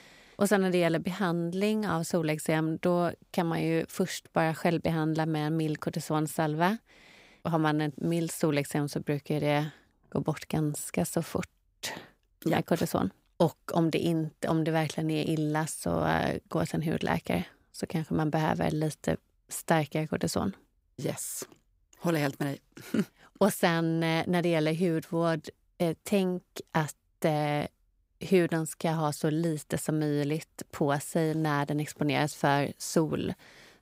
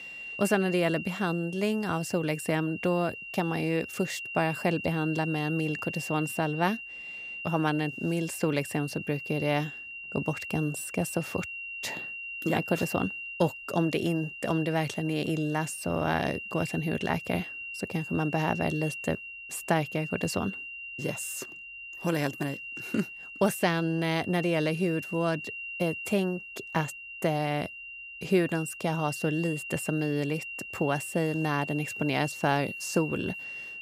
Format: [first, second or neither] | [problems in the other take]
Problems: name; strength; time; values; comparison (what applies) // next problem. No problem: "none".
first | high-pitched whine; loud; throughout; 3 kHz, 8 dB below the speech